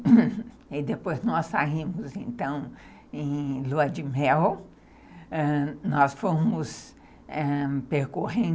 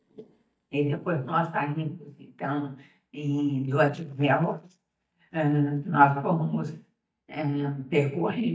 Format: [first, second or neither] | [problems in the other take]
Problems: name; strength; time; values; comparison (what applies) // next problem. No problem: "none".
first | noise reduction (neural mask model DeepFilterNet 3)